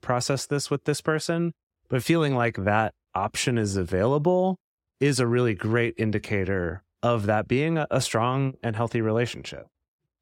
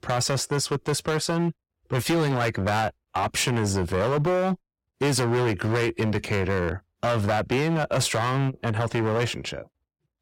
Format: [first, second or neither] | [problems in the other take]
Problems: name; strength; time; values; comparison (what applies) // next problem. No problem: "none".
first | distortion; heavy; 17% of the sound clipped